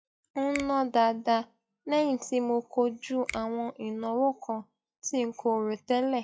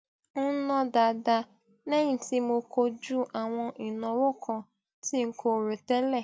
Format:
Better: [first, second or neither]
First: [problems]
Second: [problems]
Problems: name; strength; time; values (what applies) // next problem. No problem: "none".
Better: second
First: noise reduction (classical method log-MMSE)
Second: none